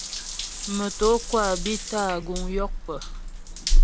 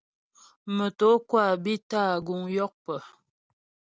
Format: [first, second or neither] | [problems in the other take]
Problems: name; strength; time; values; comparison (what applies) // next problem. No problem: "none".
second | background sound (Drip / Trickle, dribble / Bathtub (filling or washing) / Water tap, faucet); 3 dB above the speech